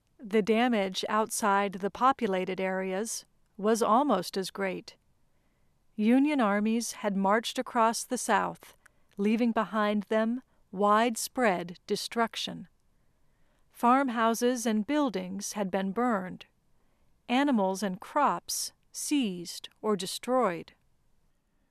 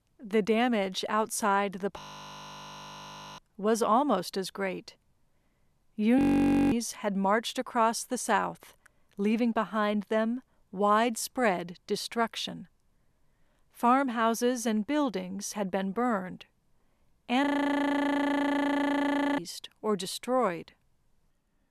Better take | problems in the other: first | audio freezing; at 2 s for 1.5 s, at 6 s for 0.5 s and at 17 s for 2 s

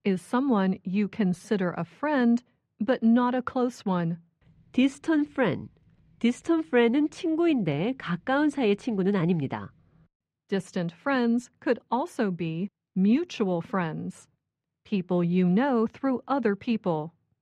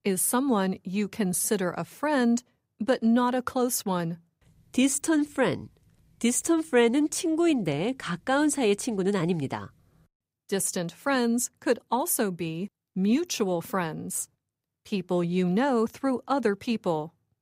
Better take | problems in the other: second | muffled; slightly; fading above 2.5 kHz

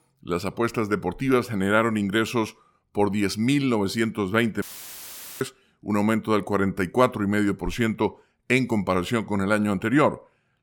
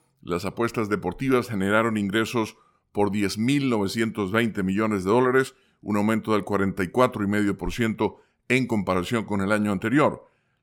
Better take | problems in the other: second | audio cutting out; filled with static; at 4.5 s for 1 s

